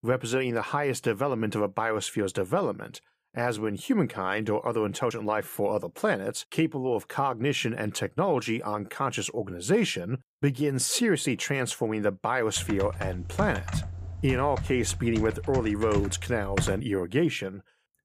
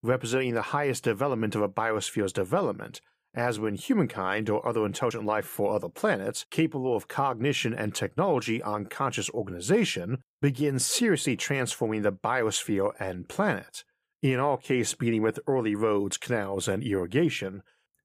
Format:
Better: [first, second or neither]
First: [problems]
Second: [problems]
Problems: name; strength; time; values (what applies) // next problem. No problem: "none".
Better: second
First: keyboard typing; noticeable; from 13 to 17 s; peak 3 dB below the speech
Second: none